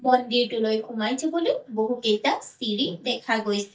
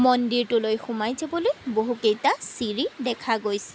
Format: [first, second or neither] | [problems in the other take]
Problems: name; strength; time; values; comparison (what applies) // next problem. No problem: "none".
second | noise reduction (neural mask model DeepFilterNet 3)